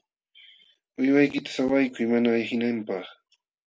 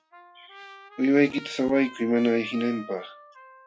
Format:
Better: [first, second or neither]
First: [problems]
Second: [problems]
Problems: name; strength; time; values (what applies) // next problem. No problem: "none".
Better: first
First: none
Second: noise reduction (classical method log-MMSE)